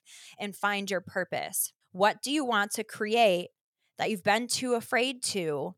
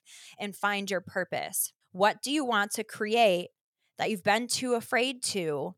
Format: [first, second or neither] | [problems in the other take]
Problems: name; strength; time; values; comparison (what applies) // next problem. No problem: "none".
neither | none